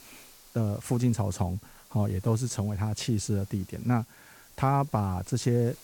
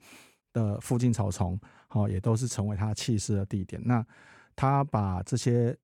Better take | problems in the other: second | hiss; faint; throughout; 25 dB below the speech

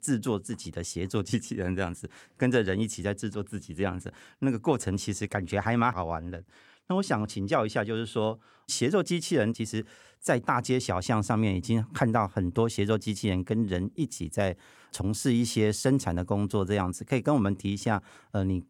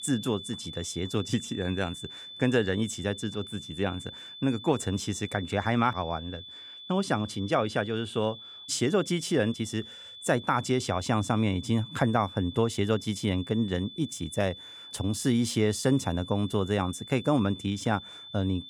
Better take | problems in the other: first | high-pitched whine; noticeable; throughout; 3.5 kHz, 15 dB below the speech

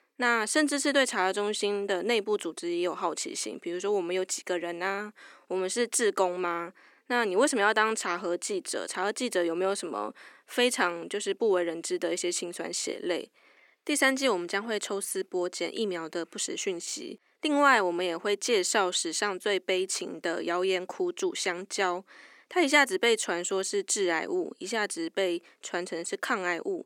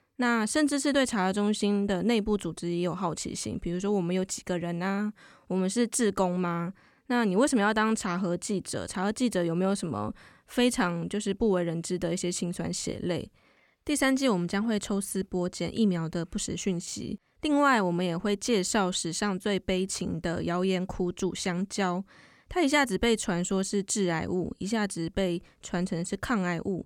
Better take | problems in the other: second | thin; somewhat; fading below 350 Hz

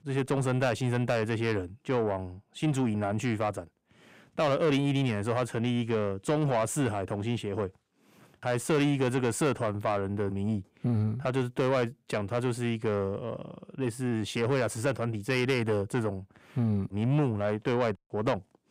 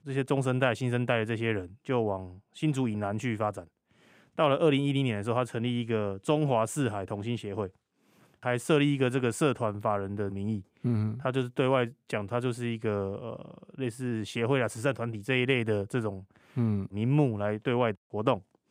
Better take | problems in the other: second | distortion; slight; 10 dB below the speech

